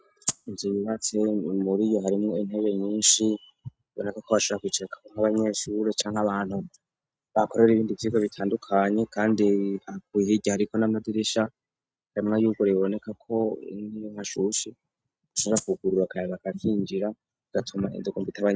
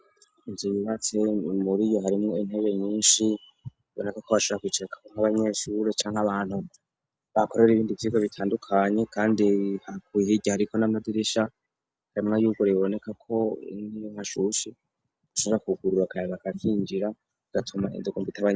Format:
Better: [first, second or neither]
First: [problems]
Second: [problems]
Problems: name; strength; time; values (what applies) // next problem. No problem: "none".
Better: second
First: noise reduction (neural mask model RNNoise)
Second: none